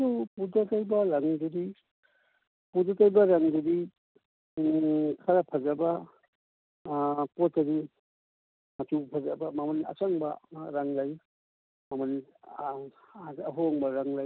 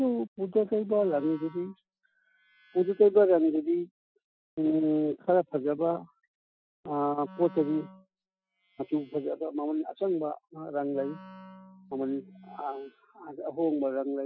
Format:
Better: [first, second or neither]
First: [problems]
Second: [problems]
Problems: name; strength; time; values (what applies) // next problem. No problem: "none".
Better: first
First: none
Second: noise reduction (classical method Wiener filter)